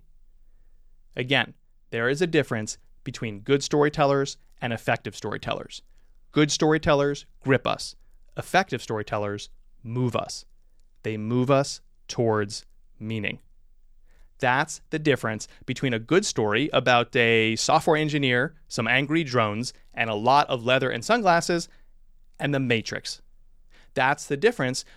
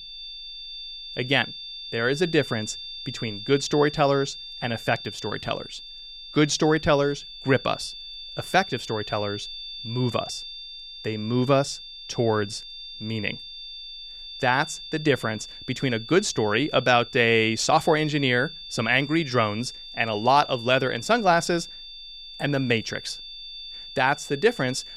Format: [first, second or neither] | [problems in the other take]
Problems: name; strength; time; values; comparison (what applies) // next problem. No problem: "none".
first | high-pitched whine; noticeable; throughout; 3.5 kHz, 10 dB below the speech